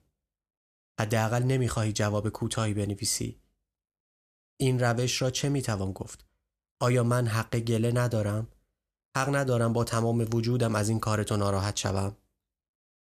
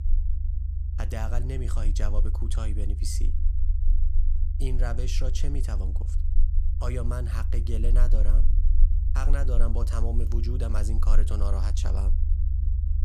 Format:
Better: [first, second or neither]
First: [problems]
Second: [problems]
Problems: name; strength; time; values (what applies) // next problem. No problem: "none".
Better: first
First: none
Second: low rumble; loud; throughout; 9 dB below the speech